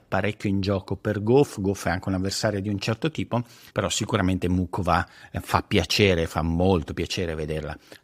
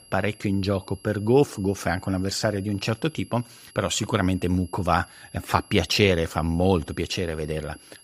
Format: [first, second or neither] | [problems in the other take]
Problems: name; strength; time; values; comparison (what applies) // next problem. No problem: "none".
first | high-pitched whine; faint; throughout; 11 kHz, 25 dB below the speech